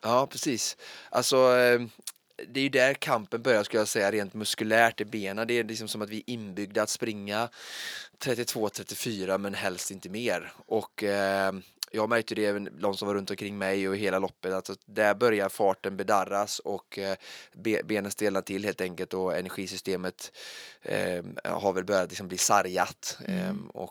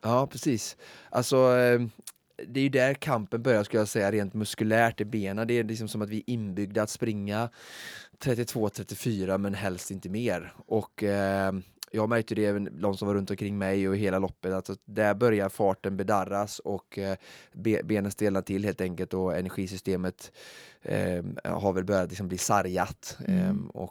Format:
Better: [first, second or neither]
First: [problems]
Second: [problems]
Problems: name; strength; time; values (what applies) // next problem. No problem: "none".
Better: second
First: thin; very slightly; fading below 950 Hz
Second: none